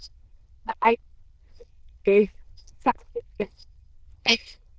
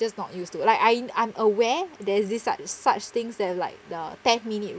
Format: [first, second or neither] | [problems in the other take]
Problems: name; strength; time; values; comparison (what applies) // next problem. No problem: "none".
second | noise reduction (neural diffusion model UNIVERSE++)